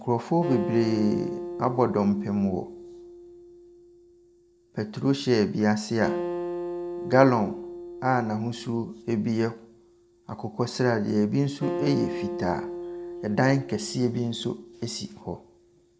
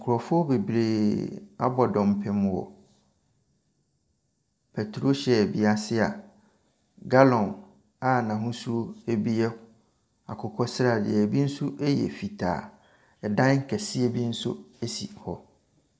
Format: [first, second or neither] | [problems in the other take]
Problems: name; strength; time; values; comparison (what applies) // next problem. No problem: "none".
second | background sound (Acoustic guitar); 9 dB below the speech